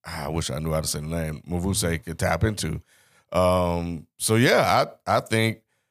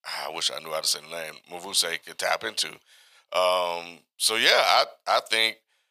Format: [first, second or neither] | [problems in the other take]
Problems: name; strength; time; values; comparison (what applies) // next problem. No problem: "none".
first | thin; very; fading below 700 Hz